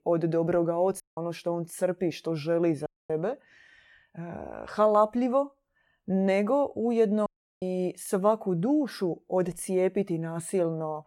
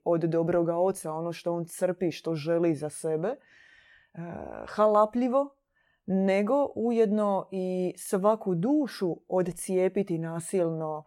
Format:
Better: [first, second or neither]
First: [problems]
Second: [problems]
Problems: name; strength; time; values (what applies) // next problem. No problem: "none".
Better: second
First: audio cutting out; at 1 s, at 3 s and at 7.5 s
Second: none